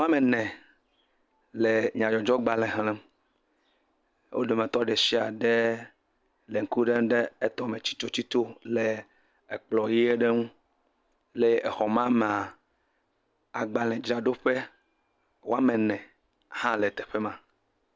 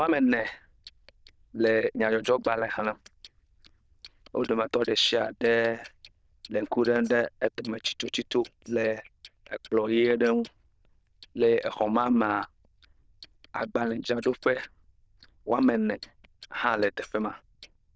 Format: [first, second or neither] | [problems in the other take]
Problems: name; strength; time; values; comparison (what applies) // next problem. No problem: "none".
first | noise reduction (neural diffusion model UNIVERSE++)